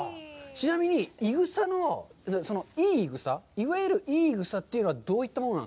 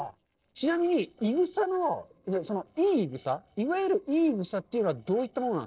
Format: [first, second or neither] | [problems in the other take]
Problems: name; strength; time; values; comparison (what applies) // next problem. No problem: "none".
first | noise reduction (neural separator model SepFormer DNS4)